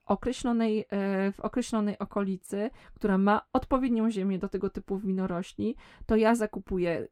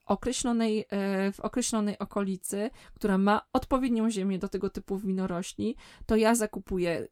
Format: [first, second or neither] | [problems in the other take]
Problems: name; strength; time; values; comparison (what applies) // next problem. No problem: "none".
second | muffled; slightly; fading above 3.5 kHz